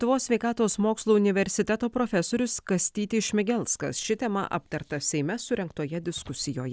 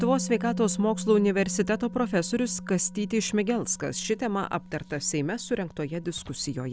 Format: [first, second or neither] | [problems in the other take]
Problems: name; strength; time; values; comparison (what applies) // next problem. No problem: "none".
first | background sound (Musical instrument); 11 dB below the speech